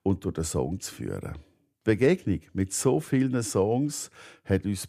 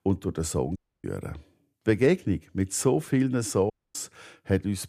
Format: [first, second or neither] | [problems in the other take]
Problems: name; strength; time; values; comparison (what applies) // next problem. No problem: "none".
first | audio cutting out; at 1 s and at 3.5 s